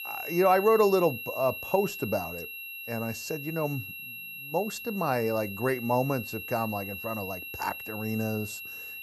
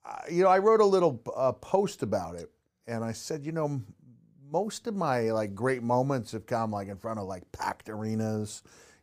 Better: second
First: high-pitched whine; loud; throughout; 2.5 kHz, 8 dB below the speech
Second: none

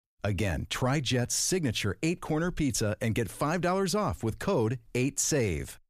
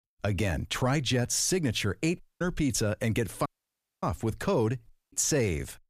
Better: first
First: none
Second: audio cutting out; at 2 s, at 3.5 s for 0.5 s and at 5 s

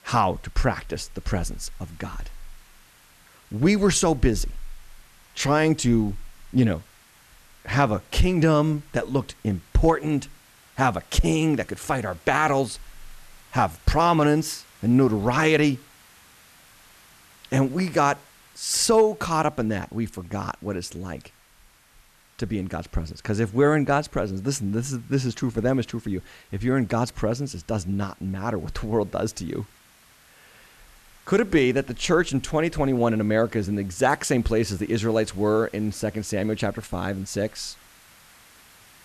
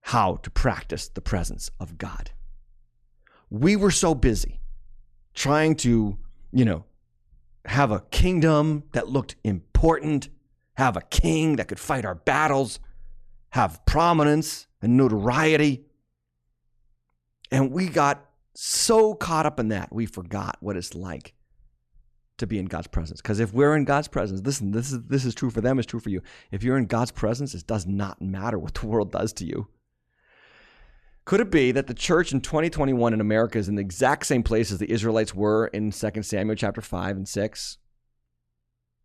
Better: second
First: hiss; faint; throughout; 30 dB below the speech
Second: none

